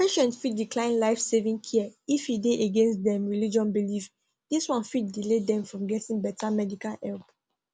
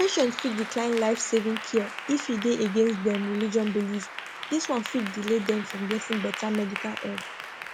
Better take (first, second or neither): first